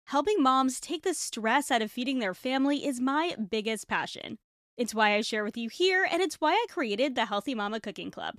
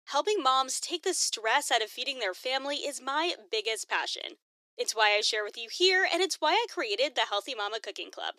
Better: first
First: none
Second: thin; very; fading below 350 Hz

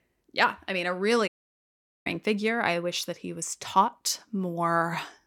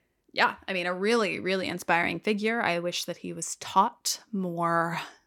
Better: second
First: audio cutting out; at 1.5 s for 1 s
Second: none

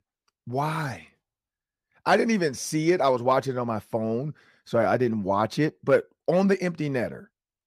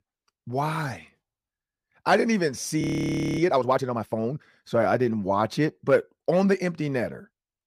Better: first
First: none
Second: audio freezing; at 3 s for 0.5 s

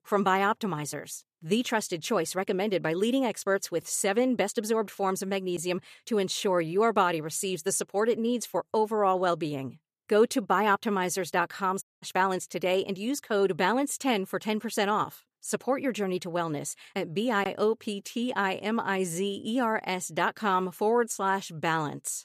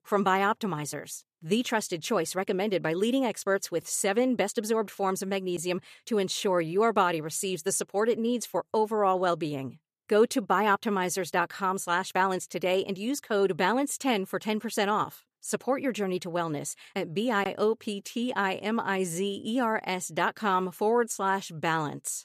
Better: second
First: audio cutting out; at 12 s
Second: none

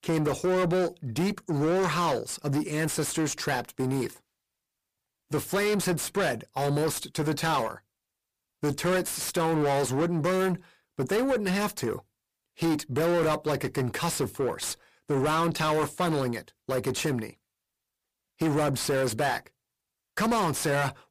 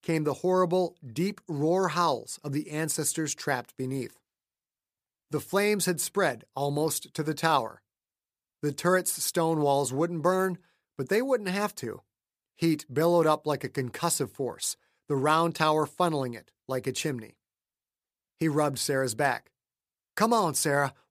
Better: second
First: distortion; heavy; 6 dB below the speech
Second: none

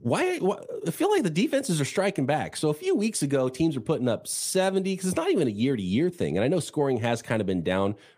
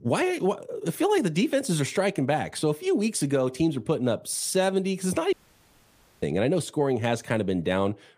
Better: first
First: none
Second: audio cutting out; at 5.5 s for 1 s

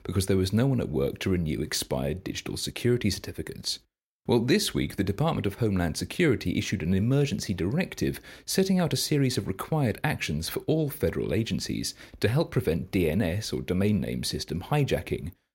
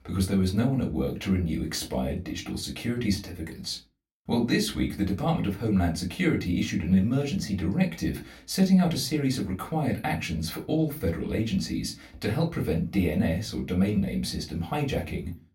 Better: first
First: none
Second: off-mic speech; far // room echo; very slight; dies away in 0.2 s

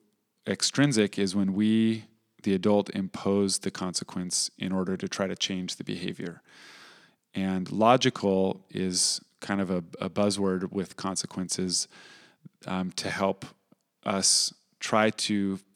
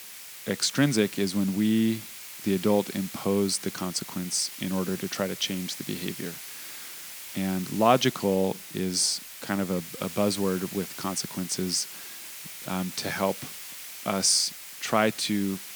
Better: first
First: none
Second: hiss; noticeable; throughout; 10 dB below the speech

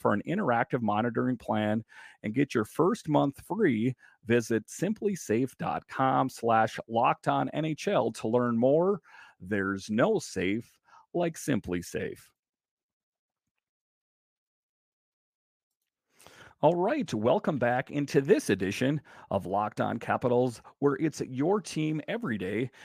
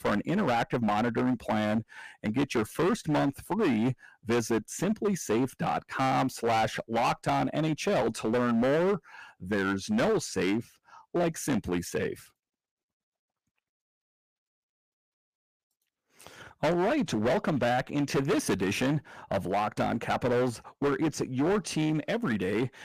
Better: first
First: none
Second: distortion; heavy; 13% of the sound clipped

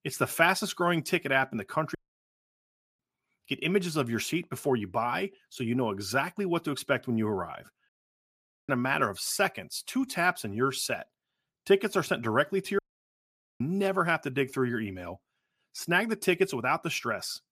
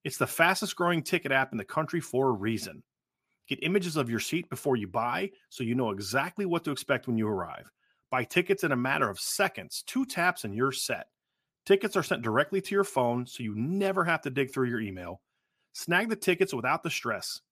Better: second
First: audio cutting out; at 2 s for 1 s, at 8 s for 1 s and at 13 s for 1 s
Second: none

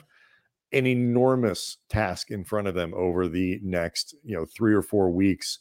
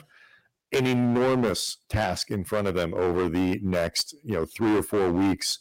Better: first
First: none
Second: distortion; heavy; 13% of the sound clipped

